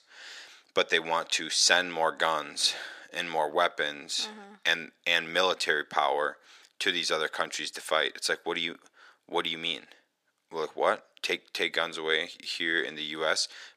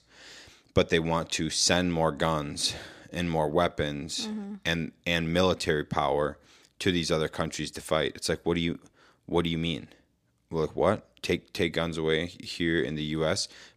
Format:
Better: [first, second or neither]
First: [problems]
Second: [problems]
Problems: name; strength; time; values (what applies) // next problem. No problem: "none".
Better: second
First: thin; very; fading below 500 Hz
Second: none